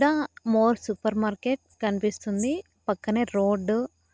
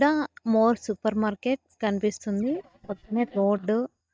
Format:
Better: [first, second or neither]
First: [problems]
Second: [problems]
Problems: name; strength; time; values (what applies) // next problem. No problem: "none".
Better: first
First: none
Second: noise reduction (neural mask model DeepFilterNet 3)